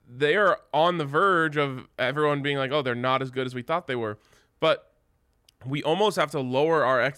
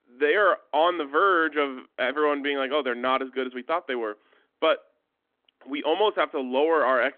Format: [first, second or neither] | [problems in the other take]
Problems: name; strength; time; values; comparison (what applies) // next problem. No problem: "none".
first | phone-call audio; nothing above 3.5 kHz